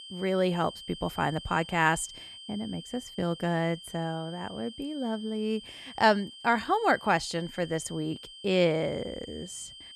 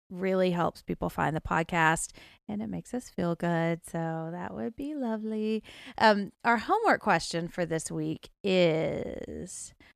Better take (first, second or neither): second